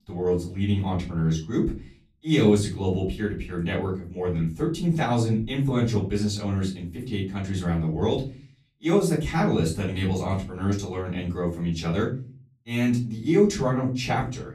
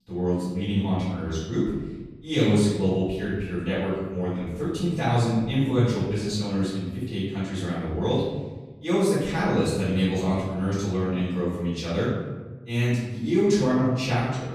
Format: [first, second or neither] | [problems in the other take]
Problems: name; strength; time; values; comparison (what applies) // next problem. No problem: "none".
first | room echo; strong; dies away in 1.2 s; slight in the first // off-mic speech; far; far in the first